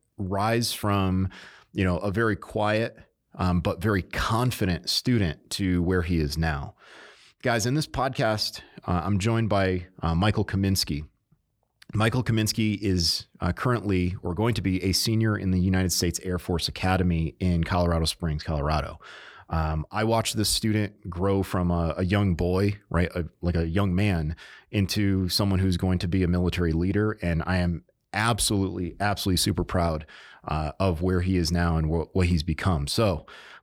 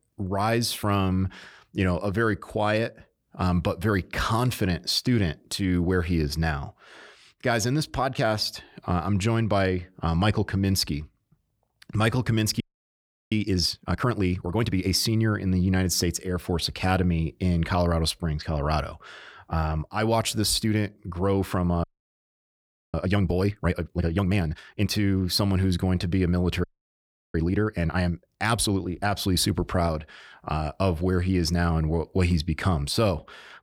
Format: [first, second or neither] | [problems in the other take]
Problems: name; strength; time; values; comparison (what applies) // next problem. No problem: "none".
first | audio freezing; at 13 s for 0.5 s, at 22 s for 1 s and at 27 s for 0.5 s